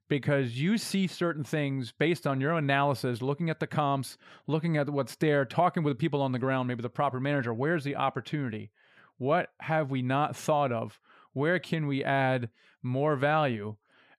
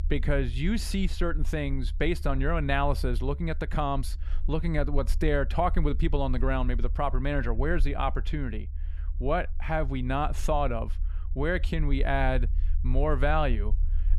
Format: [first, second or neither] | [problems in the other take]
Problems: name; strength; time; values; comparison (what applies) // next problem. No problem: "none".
first | low rumble; faint; throughout; 25 dB below the speech